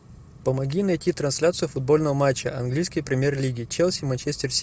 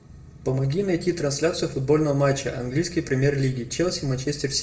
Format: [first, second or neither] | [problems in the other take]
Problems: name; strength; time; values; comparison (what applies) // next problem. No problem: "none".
first | room echo; dies away in 0.6 s